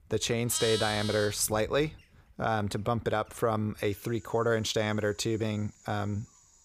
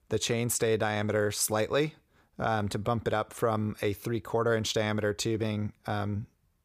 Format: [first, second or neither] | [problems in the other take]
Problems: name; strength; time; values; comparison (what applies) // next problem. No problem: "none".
second | animal sounds; loud; throughout; 6 dB below the speech